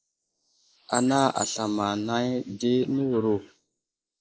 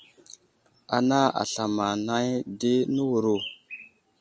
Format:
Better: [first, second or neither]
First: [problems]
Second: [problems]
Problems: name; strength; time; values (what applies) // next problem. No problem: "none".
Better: second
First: noise reduction (neural mask model Resemble Enhance denoiser)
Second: none